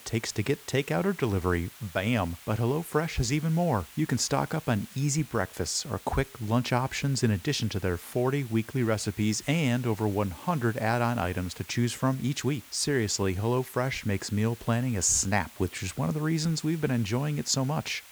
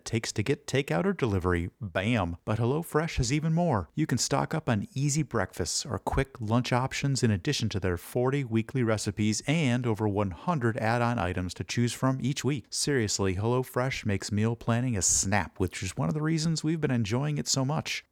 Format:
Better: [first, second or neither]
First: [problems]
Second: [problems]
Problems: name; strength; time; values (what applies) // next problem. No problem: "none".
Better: second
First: hiss; noticeable; throughout; 20 dB below the speech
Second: none